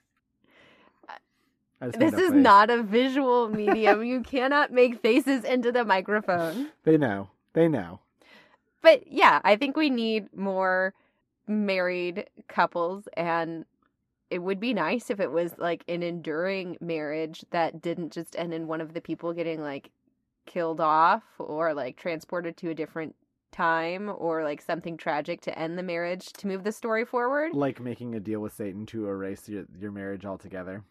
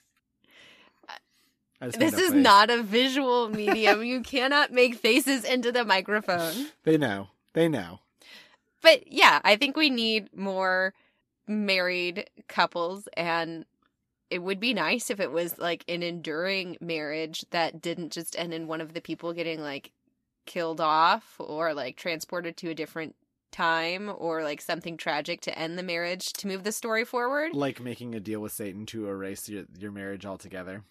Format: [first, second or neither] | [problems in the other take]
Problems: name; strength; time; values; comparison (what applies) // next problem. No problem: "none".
second | muffled; slightly; fading above 2.5 kHz